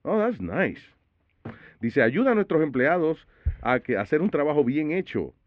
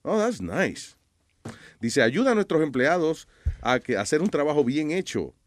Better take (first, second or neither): second